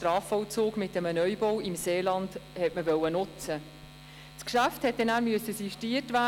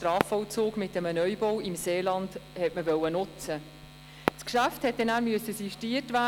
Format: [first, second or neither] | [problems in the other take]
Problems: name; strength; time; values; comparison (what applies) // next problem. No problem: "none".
first | background sound (Fireworks); 12 dB below the speech